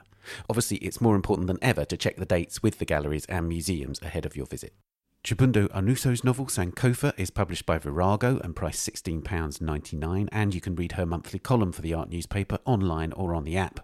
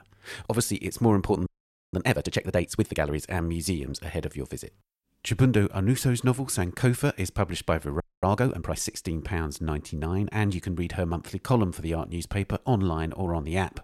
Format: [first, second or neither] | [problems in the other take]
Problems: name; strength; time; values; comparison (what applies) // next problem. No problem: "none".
first | audio freezing; at 1.5 s and at 8 s